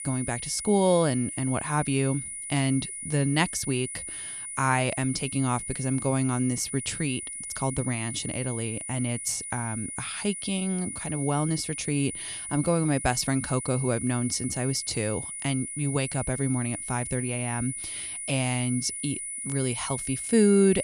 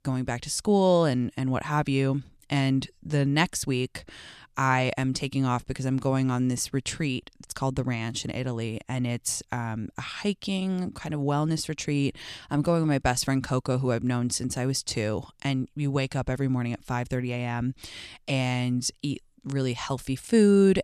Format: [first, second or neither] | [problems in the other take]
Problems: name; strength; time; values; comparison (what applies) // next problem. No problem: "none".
second | high-pitched whine; loud; throughout; 10 kHz, 6 dB below the speech